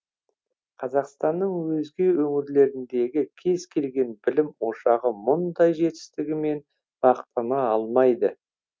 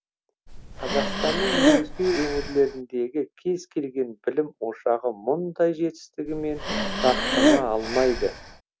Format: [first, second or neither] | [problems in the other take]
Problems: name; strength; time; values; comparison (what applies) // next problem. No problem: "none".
first | background sound (Breathing); 1 dB above the speech